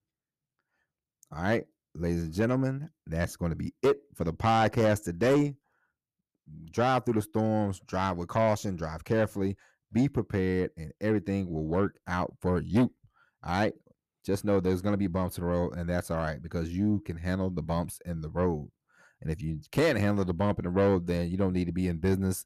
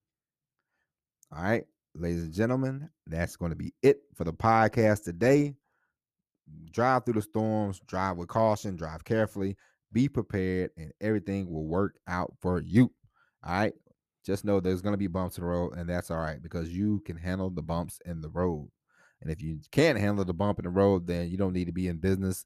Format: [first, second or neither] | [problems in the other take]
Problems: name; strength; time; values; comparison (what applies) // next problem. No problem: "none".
second | distortion; slight; 10 dB below the speech